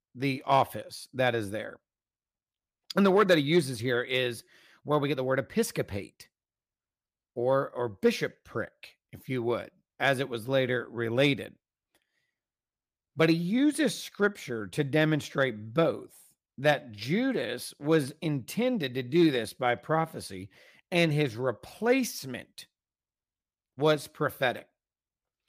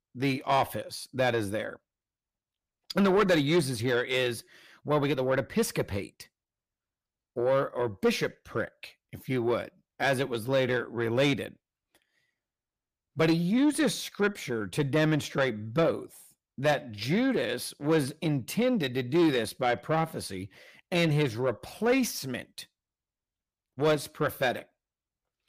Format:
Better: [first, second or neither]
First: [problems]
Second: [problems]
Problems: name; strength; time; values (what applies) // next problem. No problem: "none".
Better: first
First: none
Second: distortion; slight; 10 dB below the speech